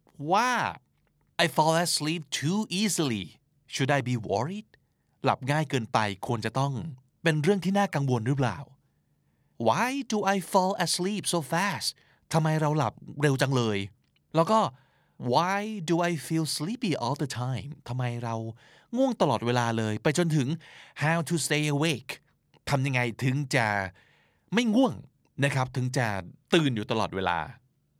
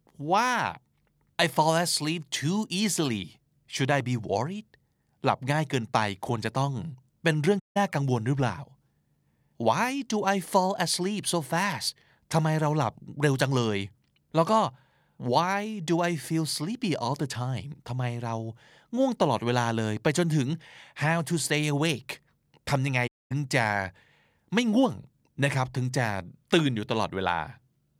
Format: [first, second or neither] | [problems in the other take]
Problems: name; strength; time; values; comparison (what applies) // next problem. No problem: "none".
first | audio cutting out; at 7.5 s and at 23 s